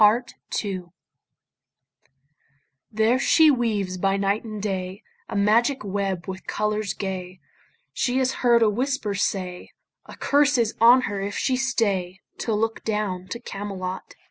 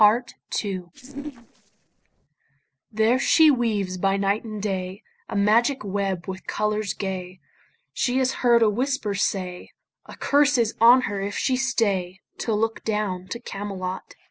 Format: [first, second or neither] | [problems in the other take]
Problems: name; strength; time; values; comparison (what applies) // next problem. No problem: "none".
first | noise reduction (neural separator model SepFormer DNS4)